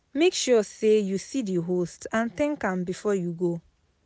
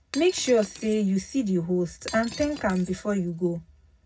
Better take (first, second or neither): first